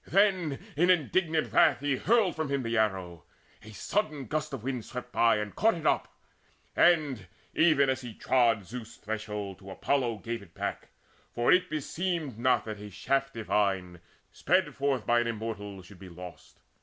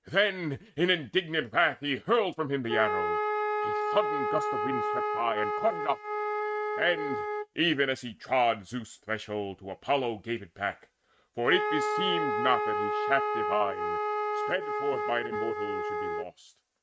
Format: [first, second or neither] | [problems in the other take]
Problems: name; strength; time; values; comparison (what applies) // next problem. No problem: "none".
first | noise reduction (neural mask model RNNoise)